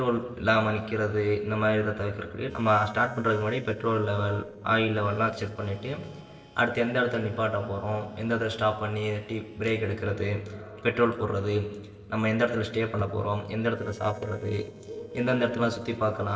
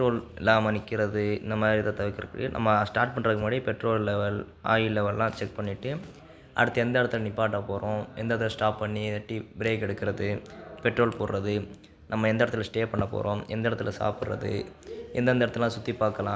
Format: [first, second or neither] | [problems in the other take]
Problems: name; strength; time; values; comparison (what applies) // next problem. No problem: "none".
second | noise reduction (neural separator model SepFormer DNS4)